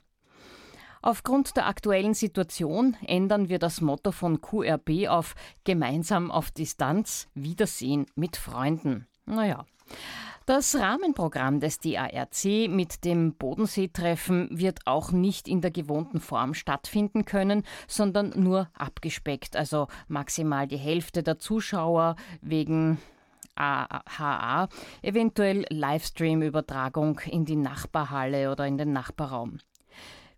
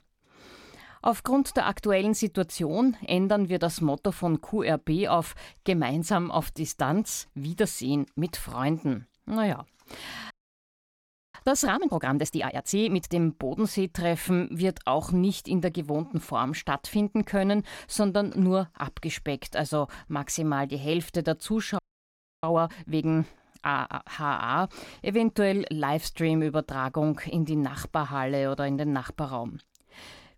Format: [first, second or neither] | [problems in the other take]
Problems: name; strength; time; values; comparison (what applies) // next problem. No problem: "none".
first | audio freezing; at 10 s for 1 s and at 22 s for 0.5 s